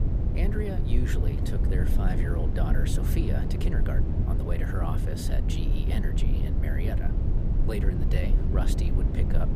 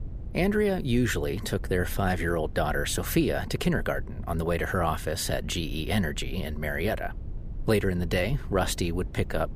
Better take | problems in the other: second | low rumble; loud; throughout; 1 dB below the speech; faint in the second

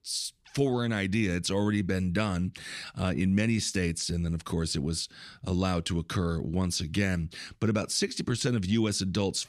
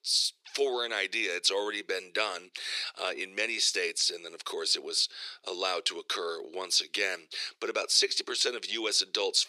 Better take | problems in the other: first | thin; very; fading below 400 Hz

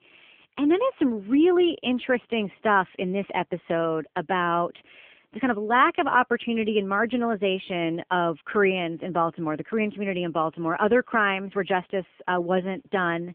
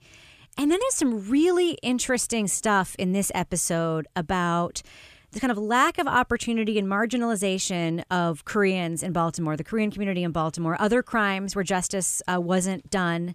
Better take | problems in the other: second | phone-call audio; nothing above 3.5 kHz

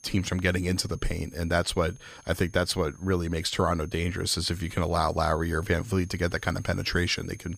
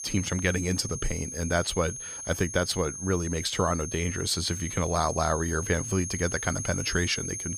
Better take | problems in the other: first | high-pitched whine; loud; throughout; 6.5 kHz, 6 dB below the speech; faint in the first

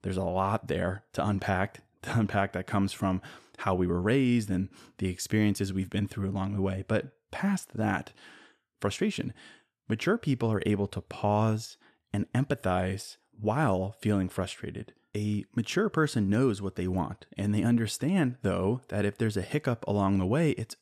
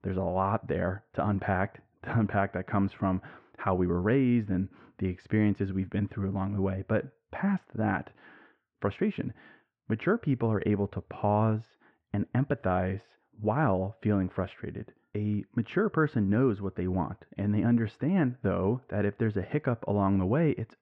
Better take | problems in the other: first | muffled; very; fading above 2 kHz

